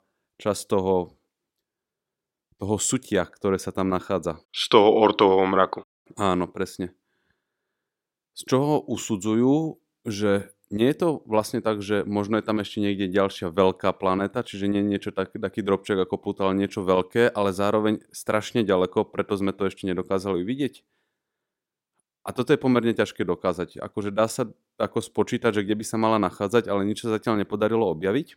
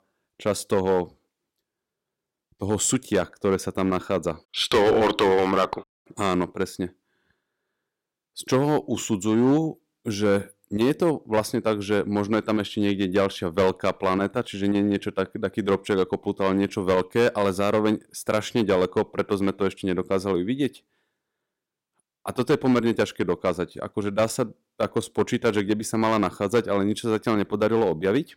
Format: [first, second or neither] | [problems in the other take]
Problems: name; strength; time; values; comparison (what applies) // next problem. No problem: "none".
first | distortion; slight; 4% of the sound clipped